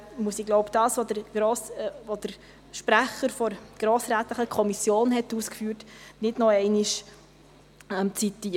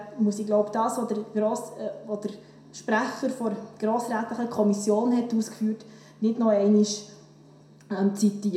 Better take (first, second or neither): first